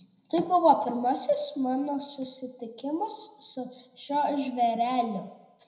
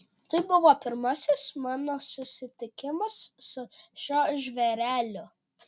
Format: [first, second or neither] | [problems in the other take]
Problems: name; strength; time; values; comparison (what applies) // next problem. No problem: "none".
second | room echo; dies away in 0.8 s